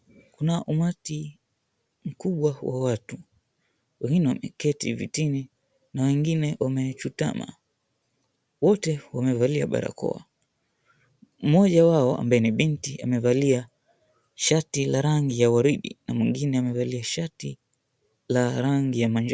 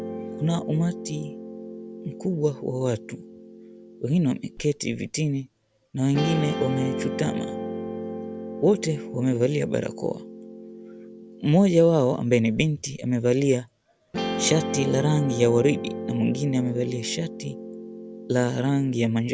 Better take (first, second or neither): first